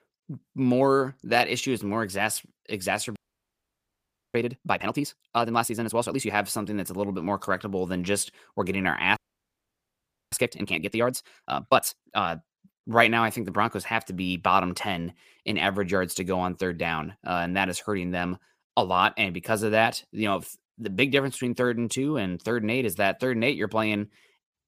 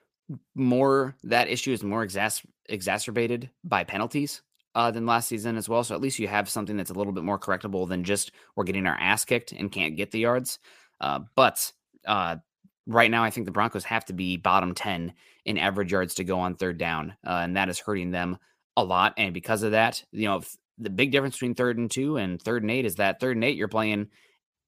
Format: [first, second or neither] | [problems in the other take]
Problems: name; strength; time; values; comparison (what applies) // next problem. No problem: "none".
second | audio freezing; at 3 s for 1 s and at 9 s for 1 s